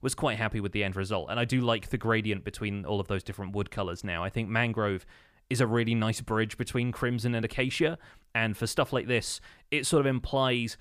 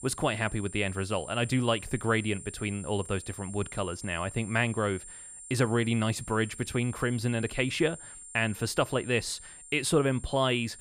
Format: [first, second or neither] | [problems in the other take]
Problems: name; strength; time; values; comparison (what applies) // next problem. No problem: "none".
first | high-pitched whine; noticeable; throughout; 9 kHz, 15 dB below the speech